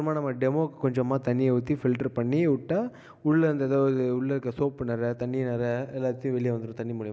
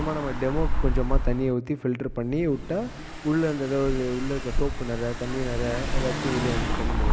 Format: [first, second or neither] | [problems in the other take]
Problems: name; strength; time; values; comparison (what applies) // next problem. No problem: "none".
first | background sound (Engine / Car); 1 dB above the speech